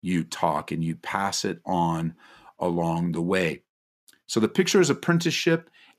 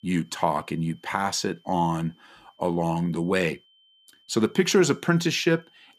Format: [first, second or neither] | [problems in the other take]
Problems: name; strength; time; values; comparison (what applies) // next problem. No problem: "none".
first | high-pitched whine; faint; throughout; 3 kHz, 35 dB below the speech